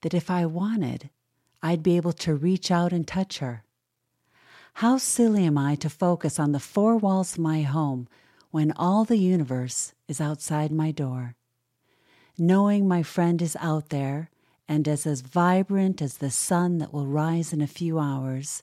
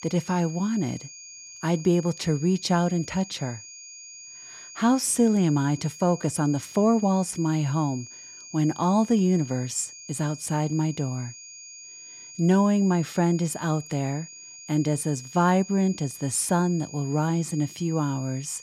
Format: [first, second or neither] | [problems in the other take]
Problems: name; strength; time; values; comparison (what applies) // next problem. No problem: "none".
first | high-pitched whine; noticeable; throughout; 6.5 kHz, 15 dB below the speech